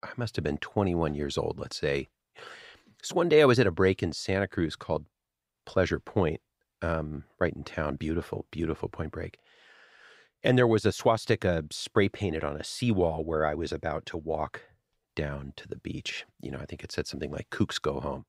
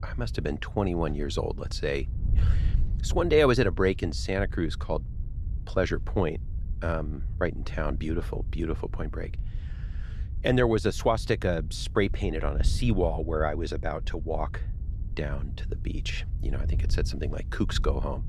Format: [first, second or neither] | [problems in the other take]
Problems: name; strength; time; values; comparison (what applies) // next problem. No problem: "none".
first | wind noise on the microphone; occasional gusts; 20 dB below the speech